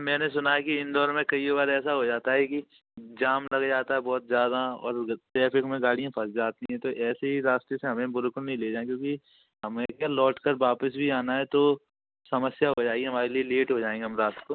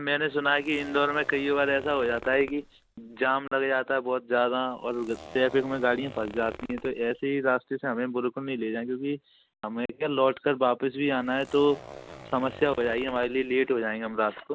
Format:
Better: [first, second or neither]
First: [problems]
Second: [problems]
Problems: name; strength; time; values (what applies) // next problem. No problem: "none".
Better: first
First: none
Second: background sound (Zipper (clothing)); 17 dB below the speech